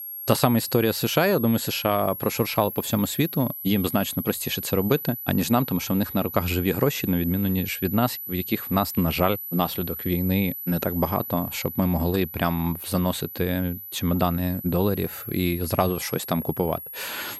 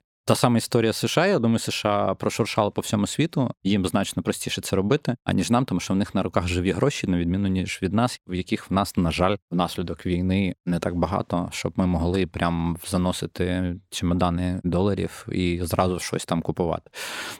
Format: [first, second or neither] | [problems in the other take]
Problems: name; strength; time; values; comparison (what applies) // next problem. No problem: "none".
second | high-pitched whine; loud; throughout; 12 kHz, 8 dB below the speech